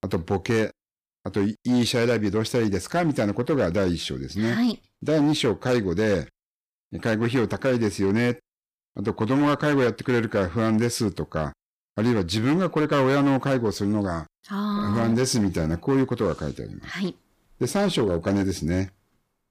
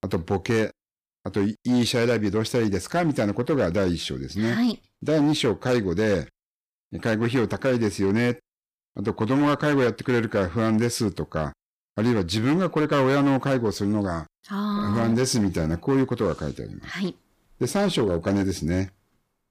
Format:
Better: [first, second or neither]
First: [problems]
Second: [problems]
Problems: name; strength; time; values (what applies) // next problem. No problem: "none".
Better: neither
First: distortion; slight; 9% of the sound clipped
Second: distortion; slight; 9% of the sound clipped